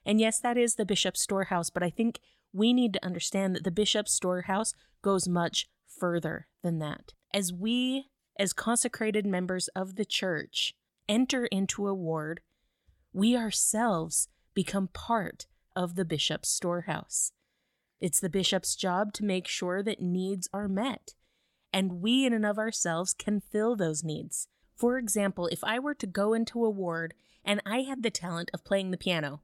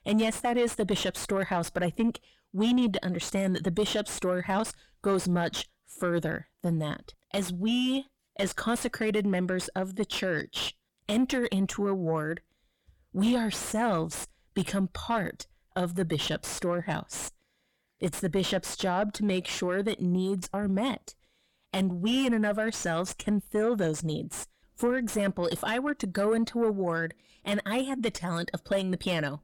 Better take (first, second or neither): first